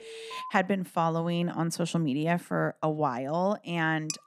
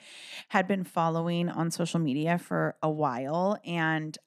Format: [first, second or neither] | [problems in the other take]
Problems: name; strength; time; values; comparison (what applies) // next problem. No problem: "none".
second | alarm; faint; at the start; peak 10 dB below the speech // clattering dishes; very faint; at 4 s; peak 9 dB below the speech